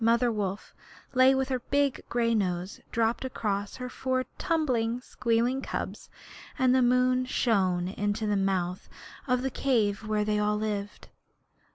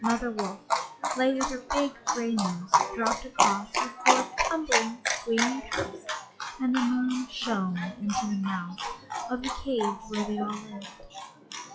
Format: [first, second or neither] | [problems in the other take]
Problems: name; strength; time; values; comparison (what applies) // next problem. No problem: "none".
first | noise reduction (classical method log-MMSE)